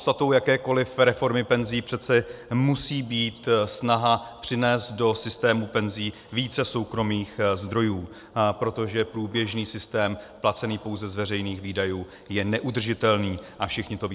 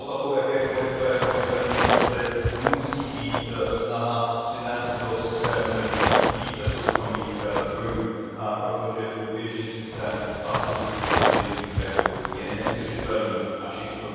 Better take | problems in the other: first | background sound (Walk, footsteps); 1 dB above the speech // room echo; dies away in 2.2 s

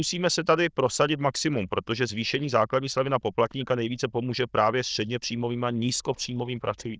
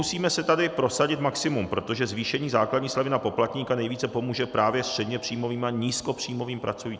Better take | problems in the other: second | noise reduction (neural diffusion model UNIVERSE++)

